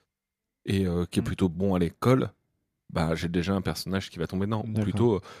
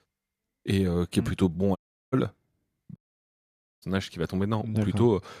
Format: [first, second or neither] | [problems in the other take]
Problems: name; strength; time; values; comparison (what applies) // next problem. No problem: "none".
first | audio cutting out; at 2 s and at 3 s for 1 s